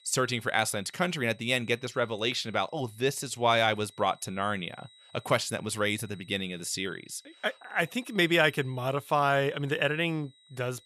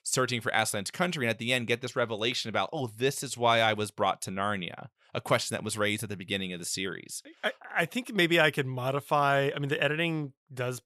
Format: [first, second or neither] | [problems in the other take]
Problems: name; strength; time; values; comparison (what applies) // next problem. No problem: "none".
second | high-pitched whine; faint; throughout; 4 kHz, 30 dB below the speech